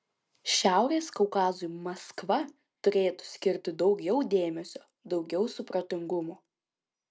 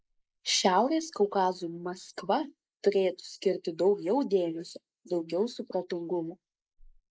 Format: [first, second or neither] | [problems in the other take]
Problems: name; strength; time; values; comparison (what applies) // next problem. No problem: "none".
first | noise reduction (neural mask model Resemble Enhance denoiser)